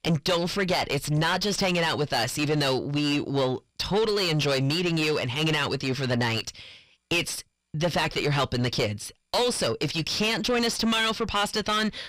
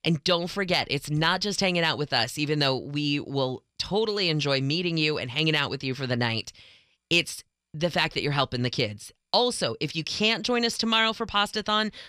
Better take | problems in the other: second | distortion; heavy; 5 dB below the speech

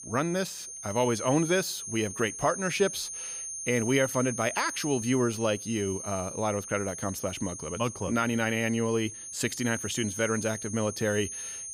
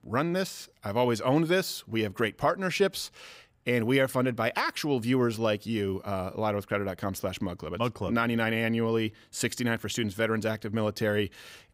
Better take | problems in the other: second | high-pitched whine; loud; throughout; 6.5 kHz, 7 dB below the speech

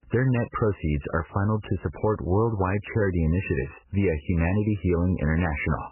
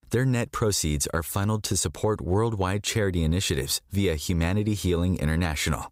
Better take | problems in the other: second | garbled, watery; badly; nothing above 3 kHz

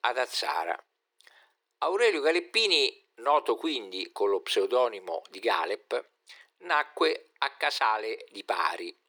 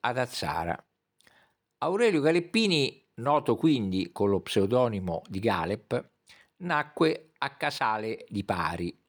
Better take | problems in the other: second | thin; very; fading below 350 Hz

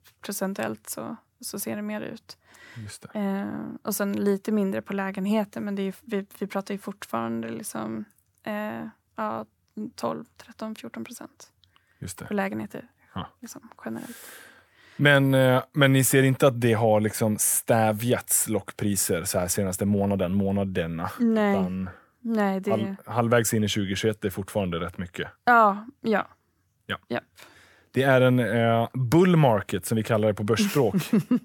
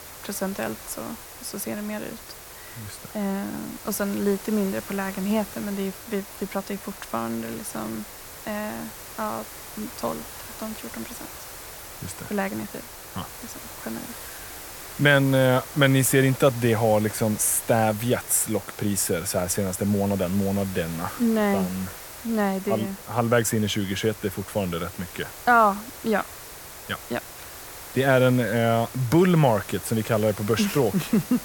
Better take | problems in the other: first | hiss; noticeable; throughout; 15 dB below the speech

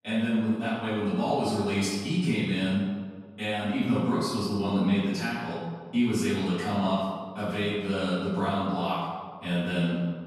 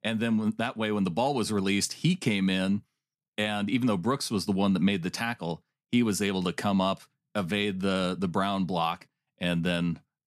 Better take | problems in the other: second | off-mic speech; far // room echo; strong; dies away in 1.4 s

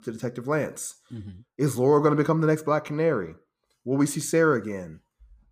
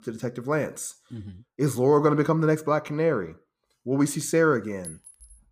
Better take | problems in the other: first | clattering dishes; faint; at 5 s; peak 15 dB below the speech

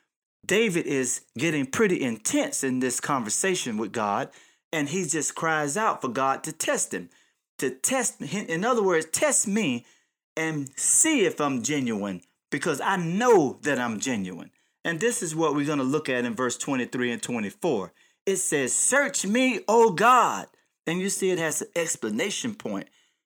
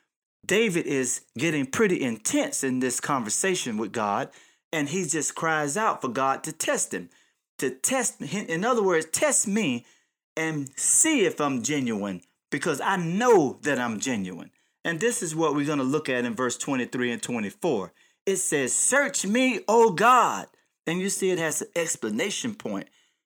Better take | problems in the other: neither | none

